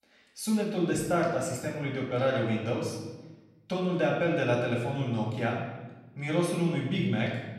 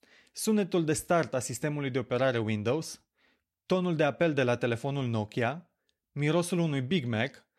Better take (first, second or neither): second